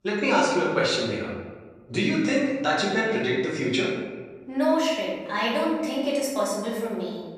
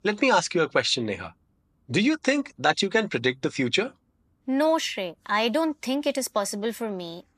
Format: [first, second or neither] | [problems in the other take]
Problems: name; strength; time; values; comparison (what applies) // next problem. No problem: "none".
second | room echo; noticeable; dies away in 1.2 s // off-mic speech; far